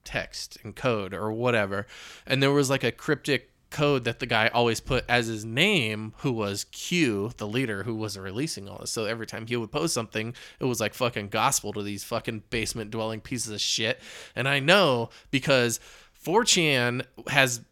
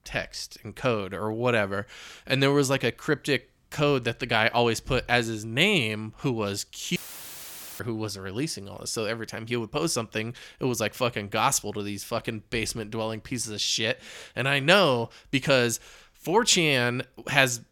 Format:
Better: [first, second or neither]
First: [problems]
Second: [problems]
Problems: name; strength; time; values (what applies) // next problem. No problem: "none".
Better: first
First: none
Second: audio cutting out; filled with static; at 7 s for 1 s